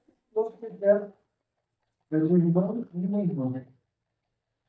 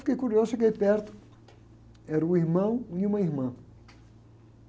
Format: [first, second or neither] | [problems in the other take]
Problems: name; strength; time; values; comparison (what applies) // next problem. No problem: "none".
second | noise reduction (neural mask model DeepFilterNet 3)